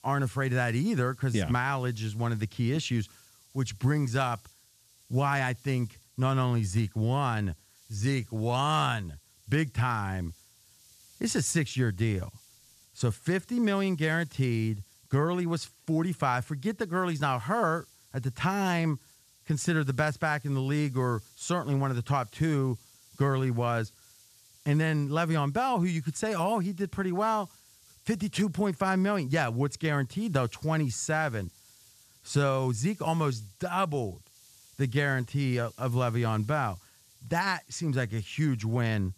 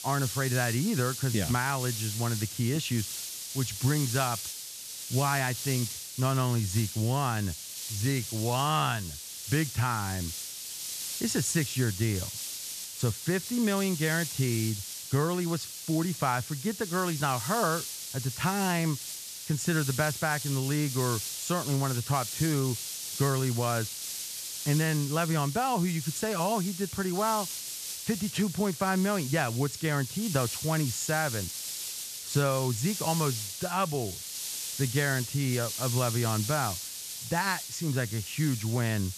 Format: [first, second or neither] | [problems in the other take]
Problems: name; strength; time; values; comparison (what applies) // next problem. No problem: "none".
first | hiss; loud; throughout; 5 dB below the speech; faint in the first